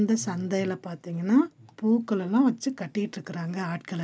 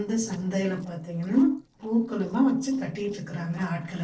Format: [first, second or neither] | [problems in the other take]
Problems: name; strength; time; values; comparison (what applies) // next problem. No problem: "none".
first | noise reduction (neural separator model SepFormer DNS4)